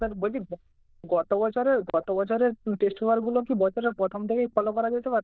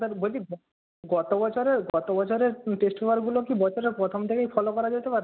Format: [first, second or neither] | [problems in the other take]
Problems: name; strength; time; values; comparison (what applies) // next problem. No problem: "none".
second | noise reduction (neural diffusion model UNIVERSE++)